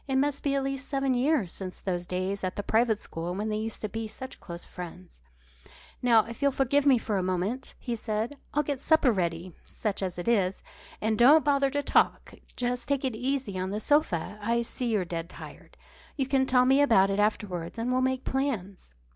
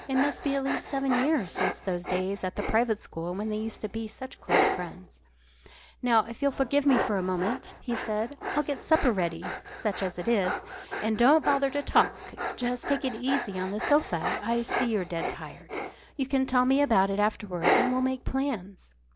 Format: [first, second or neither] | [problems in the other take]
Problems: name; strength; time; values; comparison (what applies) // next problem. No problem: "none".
first | background sound (Dog); 6 dB below the speech